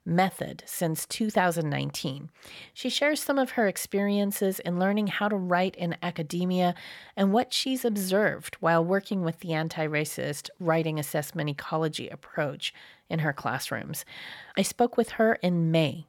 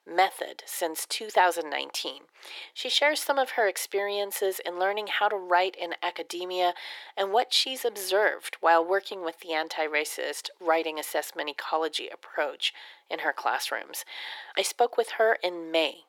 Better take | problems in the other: first | thin; very; fading below 350 Hz

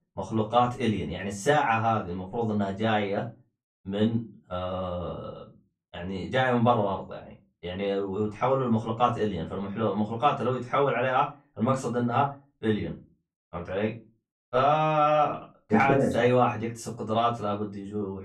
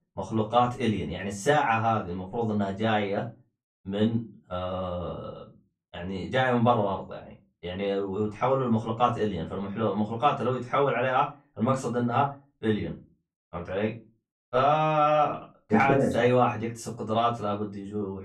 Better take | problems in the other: neither | off-mic speech; far; the same in both // room echo; slight; dies away in 0.2 s; the same in both

